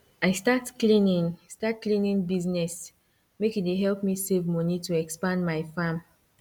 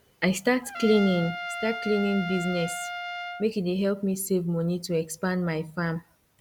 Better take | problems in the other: first | background sound (Trumpet); 8 dB below the speech

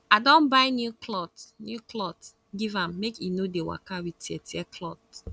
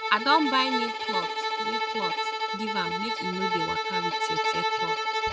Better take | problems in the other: first | background sound (Bowed string instrument); 3 dB above the speech

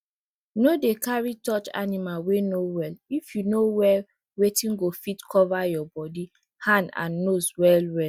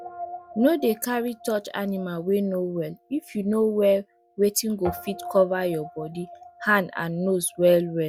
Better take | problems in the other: first | background sound (Guitar); 17 dB below the speech

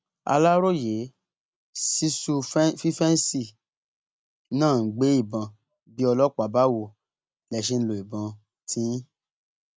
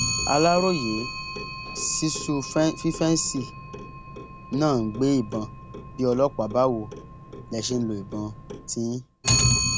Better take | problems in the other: first | background sound (Clock); 4 dB below the speech

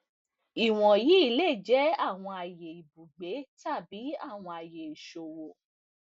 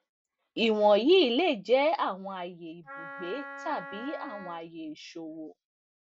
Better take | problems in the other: first | background sound (Wind instrument, woodwind instrument); 14 dB below the speech

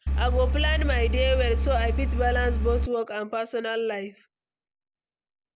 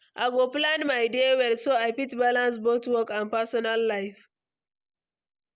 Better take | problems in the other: second | background sound (Engine); 4 dB above the speech

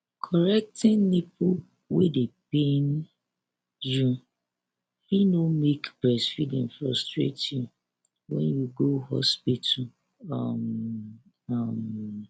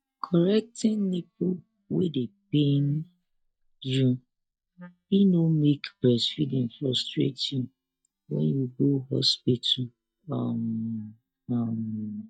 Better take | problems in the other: first | noise reduction (neural mask model DeepFilterNet 3)

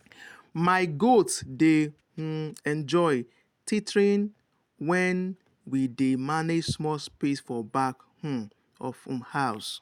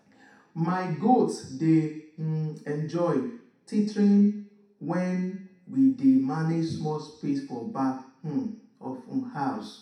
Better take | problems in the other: first | room echo; dies away in 0.7 s

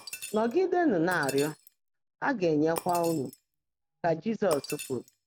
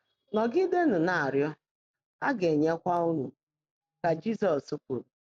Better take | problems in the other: second | background sound (Shatter); 15 dB below the speech

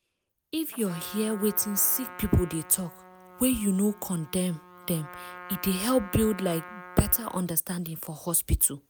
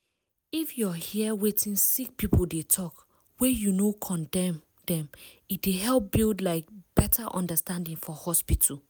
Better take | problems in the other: second | background sound (Trumpet); 18 dB below the speech

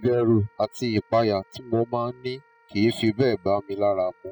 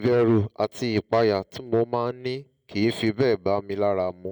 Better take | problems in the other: second | noise reduction (classical method spectral subtraction)

